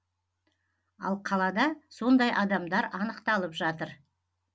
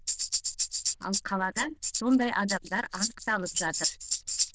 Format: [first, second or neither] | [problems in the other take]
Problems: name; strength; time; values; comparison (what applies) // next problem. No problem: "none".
first | noise reduction (neural diffusion model UNIVERSE++)